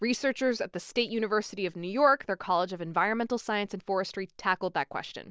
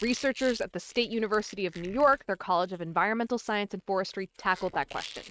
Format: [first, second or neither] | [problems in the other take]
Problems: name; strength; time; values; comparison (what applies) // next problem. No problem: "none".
first | noise reduction (neural mask model RNNoise)